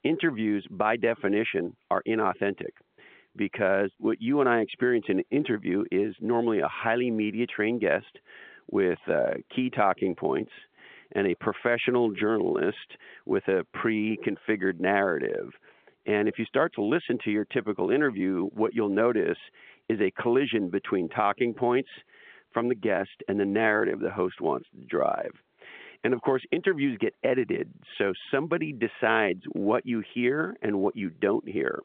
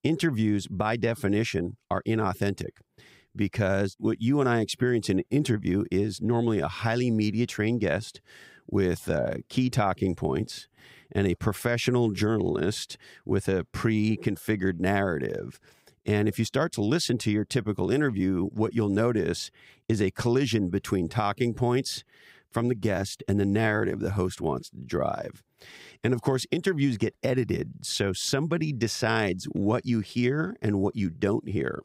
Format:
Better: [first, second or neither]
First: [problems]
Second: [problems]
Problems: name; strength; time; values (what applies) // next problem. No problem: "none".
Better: second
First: phone-call audio; nothing above 3.5 kHz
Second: none